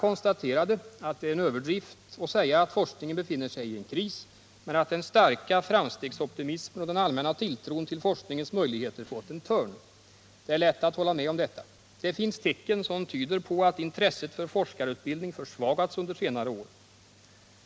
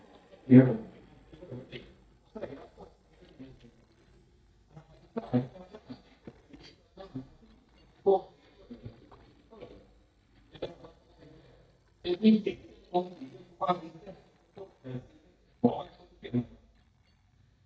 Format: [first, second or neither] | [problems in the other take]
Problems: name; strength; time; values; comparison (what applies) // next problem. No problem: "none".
first | noise reduction (neural mask model DeepFilterNet 3)